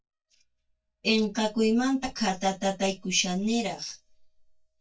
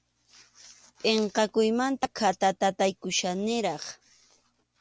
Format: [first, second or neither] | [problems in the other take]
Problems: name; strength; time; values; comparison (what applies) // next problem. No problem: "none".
second | noise reduction (neural mask model DeepFilterNet 3)